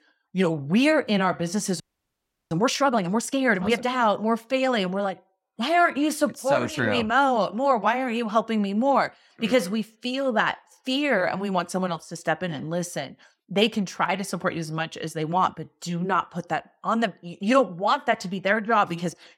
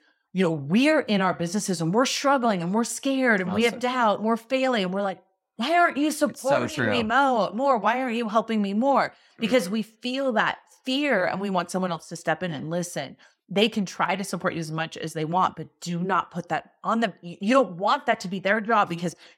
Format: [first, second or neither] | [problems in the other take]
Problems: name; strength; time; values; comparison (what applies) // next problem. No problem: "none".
second | audio freezing; at 2 s for 0.5 s